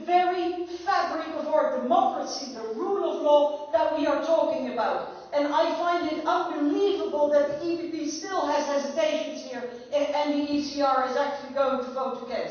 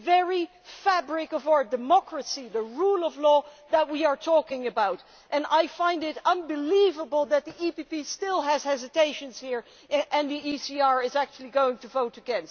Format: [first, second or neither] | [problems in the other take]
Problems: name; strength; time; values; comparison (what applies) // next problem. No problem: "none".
second | room echo; dies away in 1.2 s